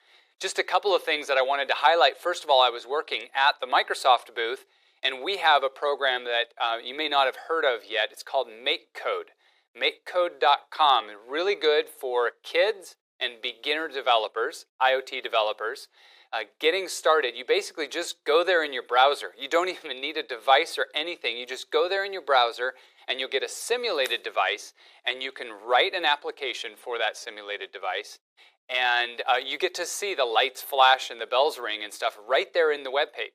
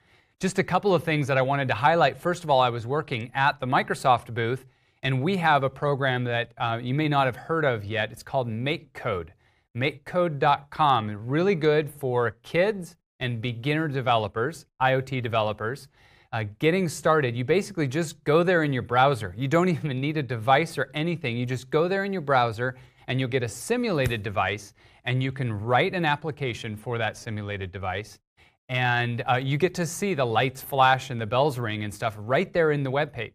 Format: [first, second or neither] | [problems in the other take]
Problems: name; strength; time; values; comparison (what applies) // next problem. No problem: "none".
second | thin; very; fading below 400 Hz